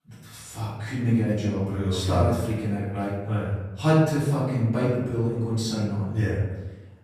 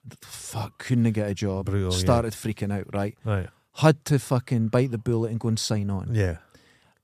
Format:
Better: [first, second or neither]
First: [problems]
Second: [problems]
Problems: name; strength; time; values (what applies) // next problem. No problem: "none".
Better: second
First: room echo; noticeable; dies away in 1 s // off-mic speech; far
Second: none